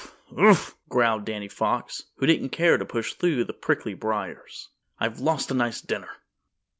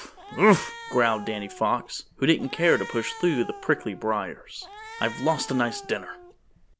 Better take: first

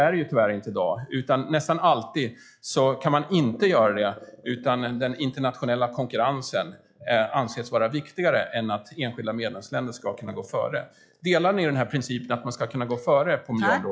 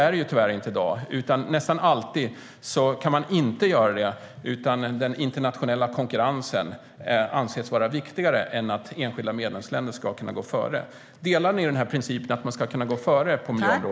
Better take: second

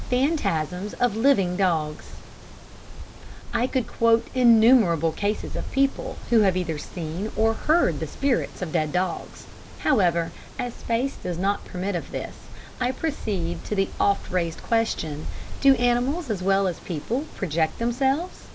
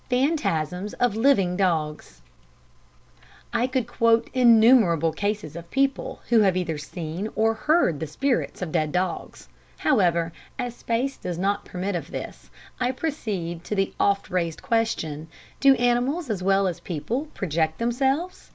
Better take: second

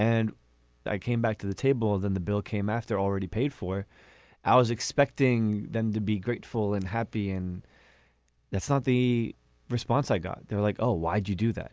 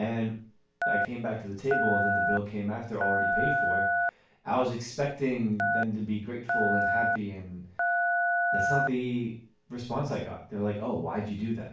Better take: first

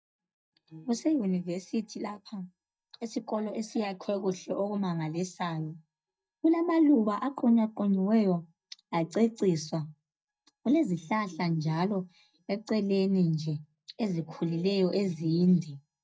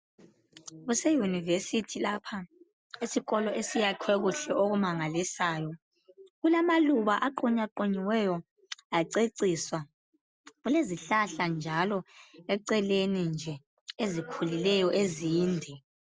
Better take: second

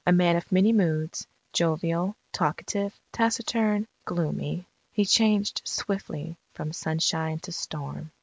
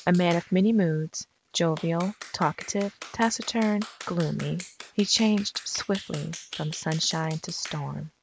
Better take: first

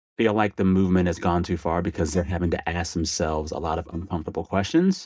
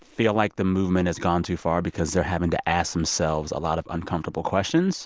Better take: second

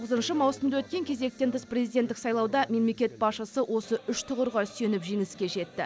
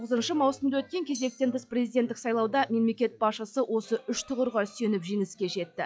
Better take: first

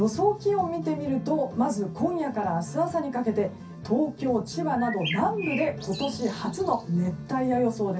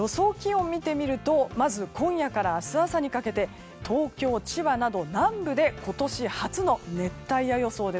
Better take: second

